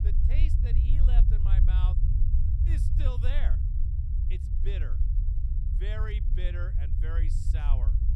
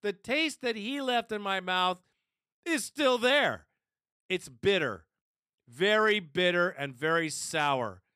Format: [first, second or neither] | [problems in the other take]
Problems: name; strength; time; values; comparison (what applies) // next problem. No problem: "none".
second | low rumble; loud; throughout; 2 dB below the speech